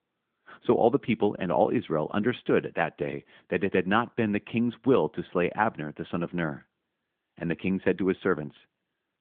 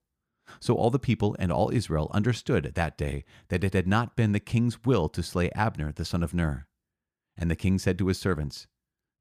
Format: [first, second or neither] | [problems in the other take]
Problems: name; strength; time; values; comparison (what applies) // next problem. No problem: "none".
second | phone-call audio